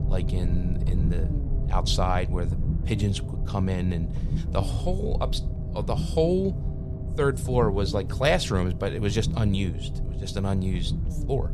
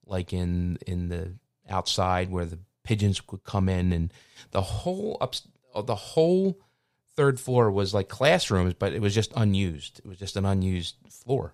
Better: second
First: low rumble; noticeable; throughout; 10 dB below the speech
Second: none

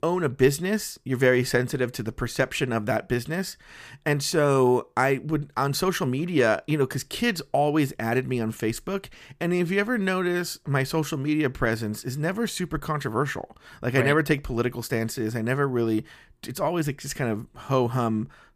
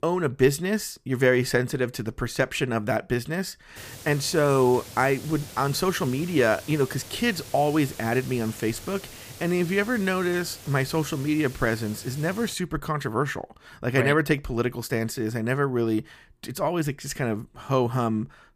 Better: first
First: none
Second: hiss; noticeable; from 4 to 13 s; 15 dB below the speech

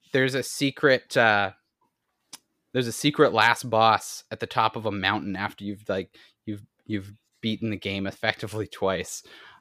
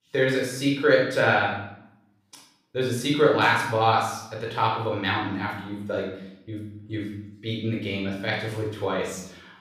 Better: first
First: none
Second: off-mic speech; far // room echo; noticeable; dies away in 0.7 s

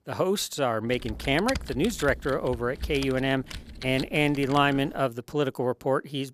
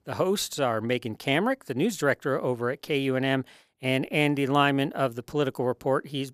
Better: second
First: keyboard typing; noticeable; from 1 to 5 s; peak 8 dB below the speech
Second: none

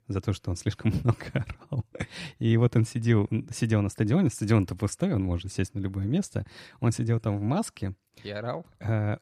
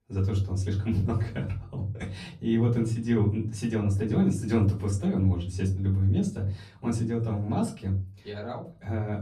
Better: first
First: none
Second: off-mic speech; far // room echo; very slight; dies away in 0.4 s

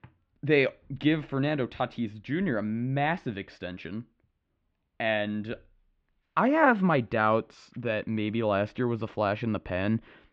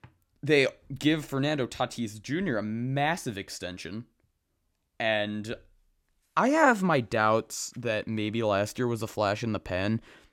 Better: second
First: muffled; very; fading above 3.5 kHz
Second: none

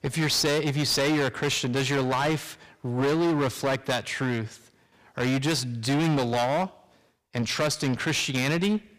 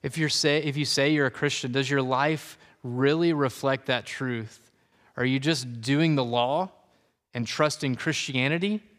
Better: second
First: distortion; heavy; 20% of the sound clipped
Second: none

